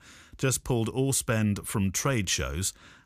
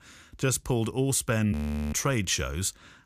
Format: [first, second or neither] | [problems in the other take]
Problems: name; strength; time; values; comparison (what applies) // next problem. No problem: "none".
first | audio freezing; at 1.5 s